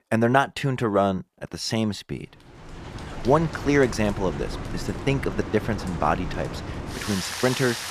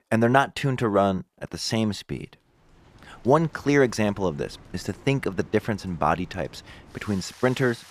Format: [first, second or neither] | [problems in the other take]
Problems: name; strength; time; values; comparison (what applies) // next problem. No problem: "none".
second | rain or running water; loud; from 3 s on; 8 dB below the speech; faint in the second